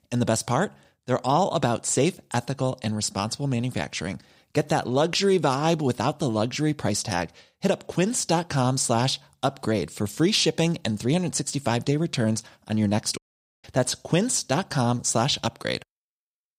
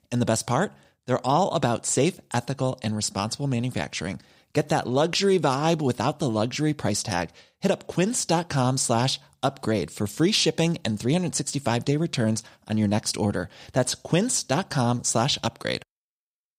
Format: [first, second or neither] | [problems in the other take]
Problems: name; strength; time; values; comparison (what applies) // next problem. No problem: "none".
second | audio cutting out; at 13 s